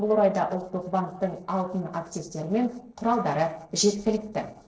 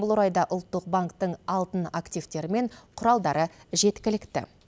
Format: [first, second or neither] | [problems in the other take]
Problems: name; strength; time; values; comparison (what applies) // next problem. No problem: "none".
second | noise reduction (neural separator model SepFormer DNS4)